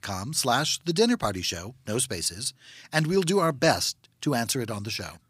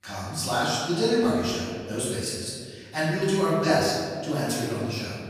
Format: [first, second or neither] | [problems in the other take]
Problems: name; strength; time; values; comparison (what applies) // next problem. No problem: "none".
first | room echo; strong; dies away in 1.8 s // off-mic speech; far